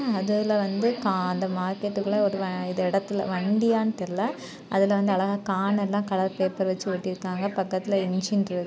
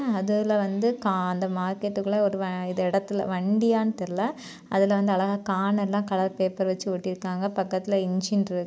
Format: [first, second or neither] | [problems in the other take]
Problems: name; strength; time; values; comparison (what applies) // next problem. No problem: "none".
second | background sound (Subway, metro, underground); 15 dB below the speech